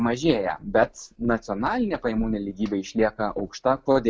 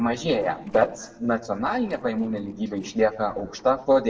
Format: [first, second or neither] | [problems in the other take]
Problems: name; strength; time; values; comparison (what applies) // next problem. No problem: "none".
first | noise reduction (neural separator model SepFormer DNS4)